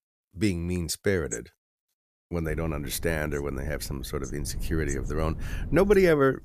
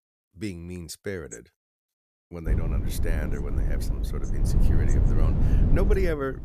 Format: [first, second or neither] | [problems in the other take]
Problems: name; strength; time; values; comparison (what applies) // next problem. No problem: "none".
first | low rumble; loud; from 2.5 s on; 3 dB below the speech; faint in the first